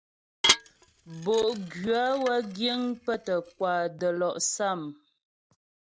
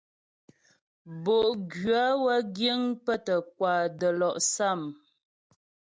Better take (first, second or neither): second